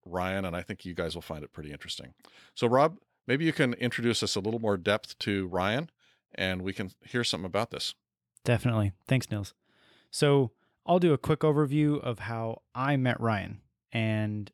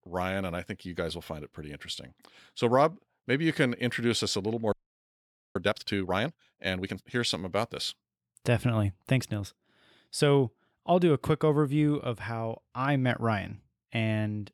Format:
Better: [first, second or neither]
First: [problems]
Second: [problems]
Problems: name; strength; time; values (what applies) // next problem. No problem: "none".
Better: first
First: none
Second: audio freezing; at 4.5 s for 1 s